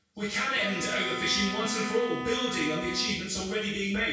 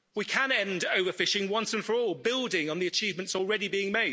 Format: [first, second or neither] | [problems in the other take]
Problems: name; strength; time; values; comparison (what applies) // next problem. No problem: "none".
second | background sound (Bowed string instrument); 8 dB below the speech // room echo; dies away in 0.6 s